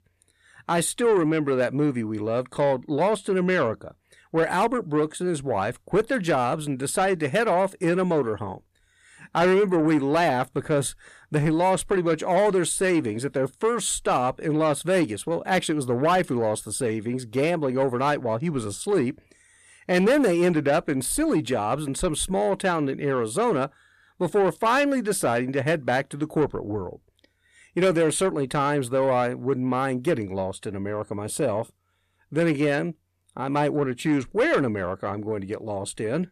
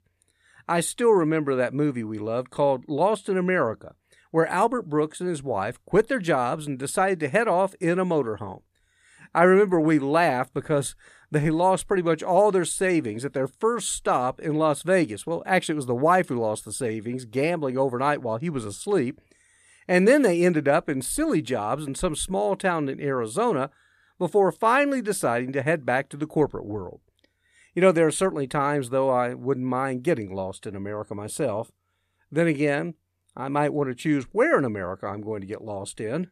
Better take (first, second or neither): second